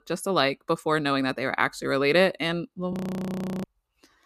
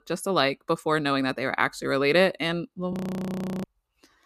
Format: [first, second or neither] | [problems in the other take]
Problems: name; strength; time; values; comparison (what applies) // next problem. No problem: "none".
neither | audio freezing; at 3 s for 0.5 s; the same in both